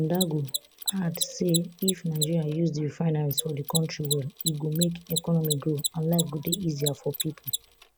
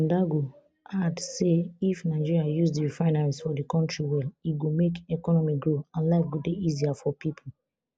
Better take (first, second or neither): second